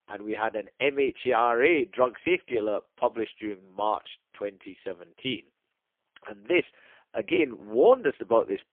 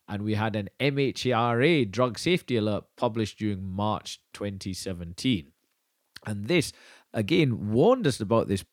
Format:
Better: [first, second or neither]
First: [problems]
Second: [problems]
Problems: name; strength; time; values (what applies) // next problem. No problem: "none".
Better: second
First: phone-call audio; poor line; nothing above 3 kHz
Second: none